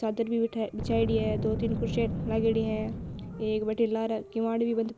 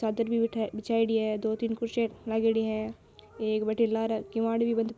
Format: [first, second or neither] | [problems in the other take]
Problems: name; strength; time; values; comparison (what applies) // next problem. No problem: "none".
second | background sound (Boom); 6 dB below the speech